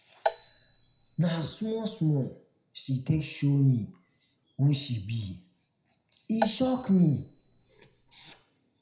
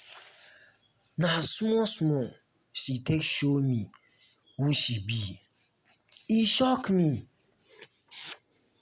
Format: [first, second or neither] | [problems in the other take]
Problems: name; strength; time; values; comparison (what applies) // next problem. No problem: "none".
second | background sound (Marimba, xylophone); 9 dB below the speech // room echo; dies away in 0.4 s